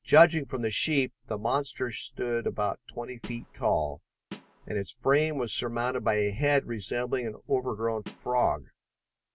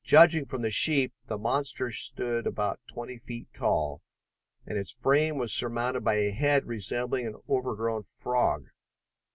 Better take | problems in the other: second | background sound (Snare drum); 17 dB below the speech

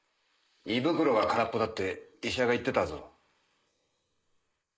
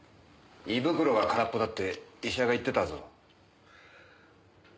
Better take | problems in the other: second | noise reduction (neural mask model Resemble Enhance denoiser)

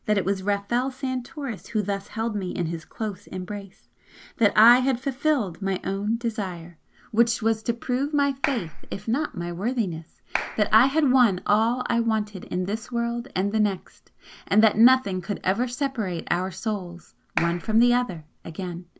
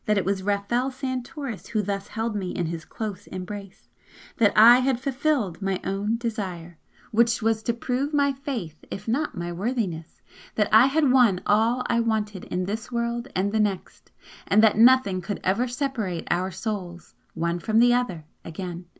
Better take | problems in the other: second | background sound (Clapping); 7 dB below the speech

